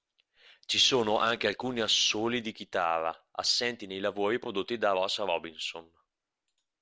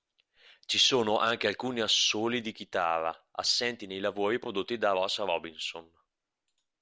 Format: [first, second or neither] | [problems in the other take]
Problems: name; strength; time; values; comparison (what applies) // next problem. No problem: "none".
second | noise reduction (neural separator model SepFormer DNS4)